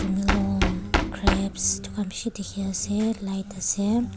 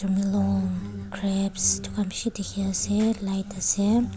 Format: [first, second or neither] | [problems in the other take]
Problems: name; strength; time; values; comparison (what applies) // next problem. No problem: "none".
second | background sound (Knock); 3 dB below the speech